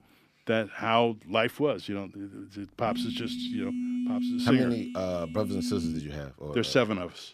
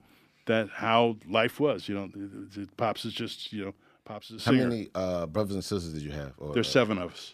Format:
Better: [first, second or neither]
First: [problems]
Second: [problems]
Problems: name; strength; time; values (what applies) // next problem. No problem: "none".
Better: second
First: phone ringing; loud; from 3 to 6 s; peak level with the speech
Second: none